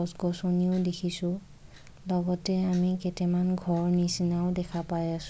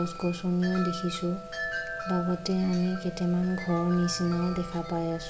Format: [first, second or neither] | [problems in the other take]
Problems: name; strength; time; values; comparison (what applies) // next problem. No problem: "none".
first | background sound (Wind chime); 10 dB below the speech // room echo; dies away in 0.8 s